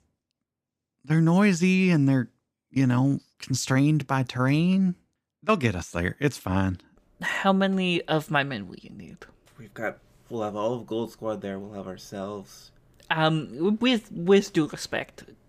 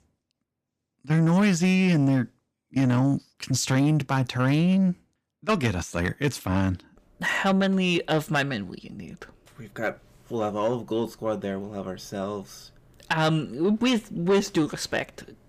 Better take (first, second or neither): first